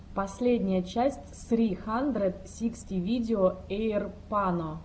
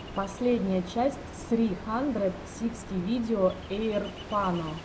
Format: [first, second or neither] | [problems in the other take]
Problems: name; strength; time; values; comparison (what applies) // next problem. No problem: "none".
first | background sound (Ocean); 13 dB below the speech